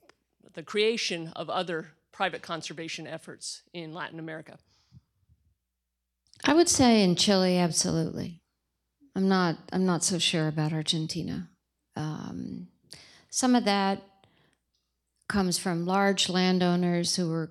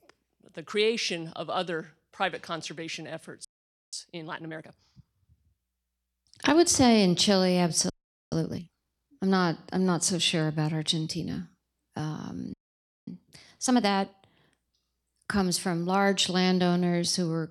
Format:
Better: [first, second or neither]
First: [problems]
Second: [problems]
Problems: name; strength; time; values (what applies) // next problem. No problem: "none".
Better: first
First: none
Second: audio freezing; at 3.5 s, at 8 s and at 13 s for 0.5 s